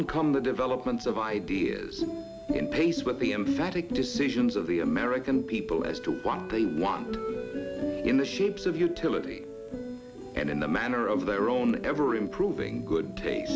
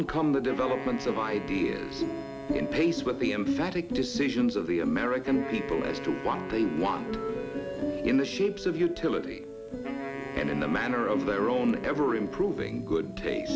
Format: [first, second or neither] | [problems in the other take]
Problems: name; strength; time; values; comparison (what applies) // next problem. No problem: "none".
first | background sound (Wind instrument, woodwind instrument); 12 dB below the speech